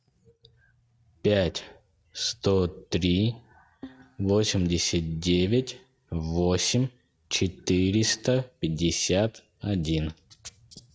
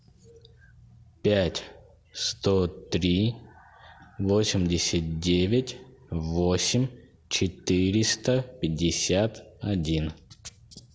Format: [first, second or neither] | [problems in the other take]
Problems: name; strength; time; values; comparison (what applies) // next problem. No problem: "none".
second | noise reduction (neural mask model RNNoise)